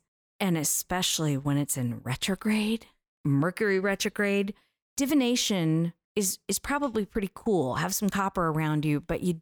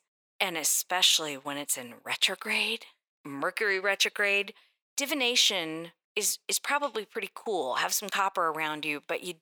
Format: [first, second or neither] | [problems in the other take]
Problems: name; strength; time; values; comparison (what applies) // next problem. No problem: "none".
first | thin; very; fading below 600 Hz